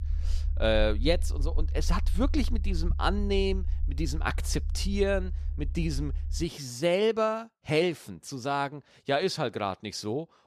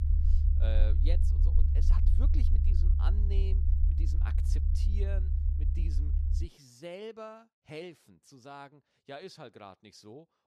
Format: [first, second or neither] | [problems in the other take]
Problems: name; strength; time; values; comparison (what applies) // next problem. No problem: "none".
first | low rumble; loud; until 6.5 s; 2 dB below the speech; faint in the first